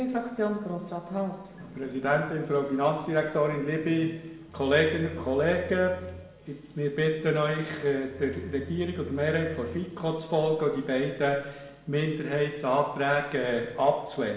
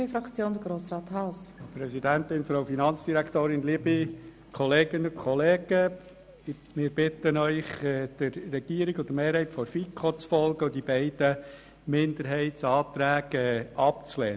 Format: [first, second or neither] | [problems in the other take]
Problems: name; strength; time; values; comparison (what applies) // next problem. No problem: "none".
second | background sound (Bowed string instrument); 15 dB below the speech // room echo; dies away in 0.9 s